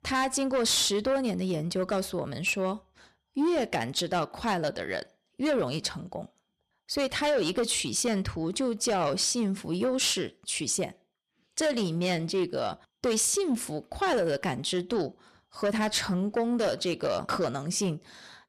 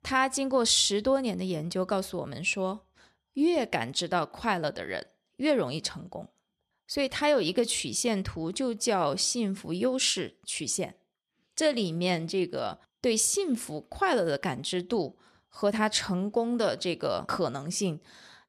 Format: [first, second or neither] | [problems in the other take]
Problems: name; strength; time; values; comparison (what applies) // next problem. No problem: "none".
second | distortion; slight; 10 dB below the speech